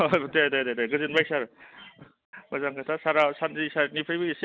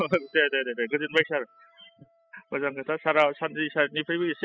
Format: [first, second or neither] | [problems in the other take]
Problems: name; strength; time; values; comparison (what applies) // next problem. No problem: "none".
first | noise reduction (classical method spectral subtraction)